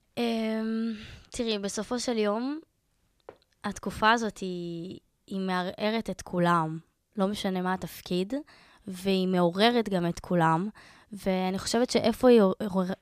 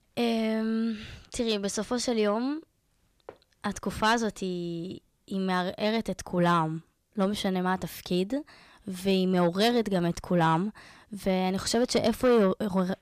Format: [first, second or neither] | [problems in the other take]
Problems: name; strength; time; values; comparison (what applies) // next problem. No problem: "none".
first | distortion; slight; 10 dB below the speech